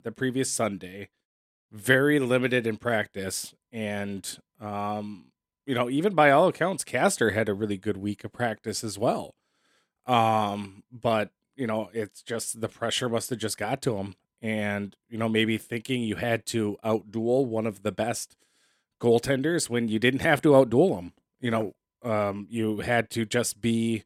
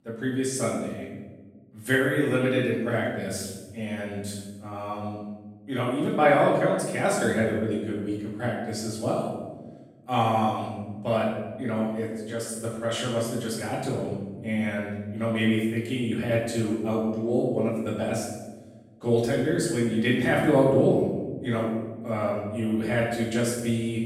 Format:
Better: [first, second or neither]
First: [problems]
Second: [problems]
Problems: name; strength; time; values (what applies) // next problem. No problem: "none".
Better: first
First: none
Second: room echo; noticeable; dies away in 1.2 s // off-mic speech; far